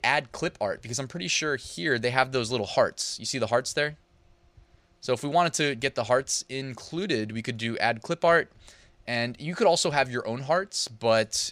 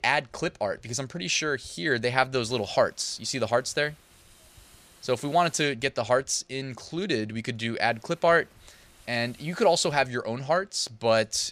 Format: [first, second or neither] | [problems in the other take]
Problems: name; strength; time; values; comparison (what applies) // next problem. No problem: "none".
first | hiss; faint; from 2.5 to 5.5 s and from 8 to 10 s; 30 dB below the speech